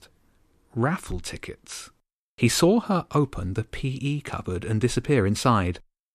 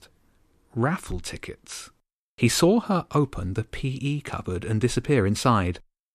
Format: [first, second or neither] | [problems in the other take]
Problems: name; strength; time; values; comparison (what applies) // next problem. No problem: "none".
neither | none